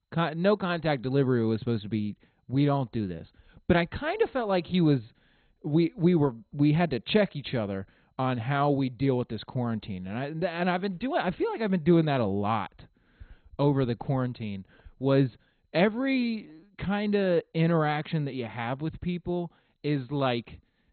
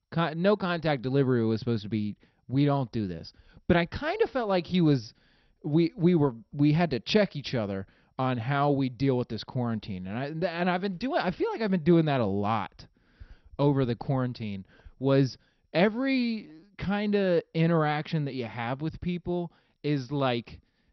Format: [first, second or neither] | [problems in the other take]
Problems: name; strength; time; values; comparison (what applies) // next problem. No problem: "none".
second | garbled, watery; badly; nothing above 4 kHz; slightly in the second